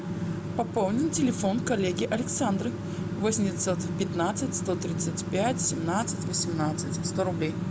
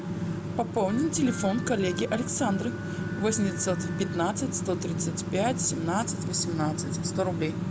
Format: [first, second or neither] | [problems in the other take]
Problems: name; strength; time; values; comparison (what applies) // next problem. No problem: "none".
first | background sound (Harmonica); 17 dB below the speech